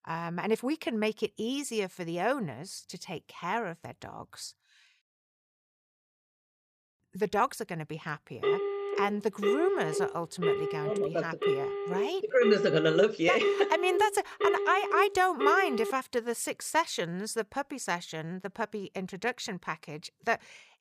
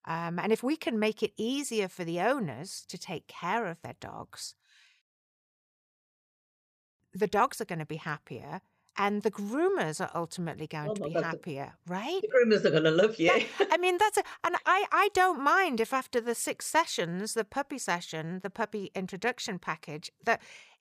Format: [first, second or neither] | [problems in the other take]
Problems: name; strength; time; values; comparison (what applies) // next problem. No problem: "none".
second | phone ringing; loud; from 8.5 to 16 s; peak 1 dB above the speech